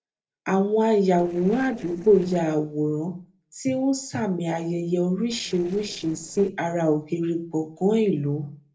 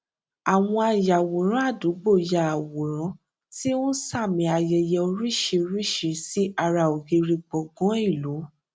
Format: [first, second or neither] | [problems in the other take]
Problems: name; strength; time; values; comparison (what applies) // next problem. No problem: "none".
second | noise reduction (neural separator model SepFormer DNS4)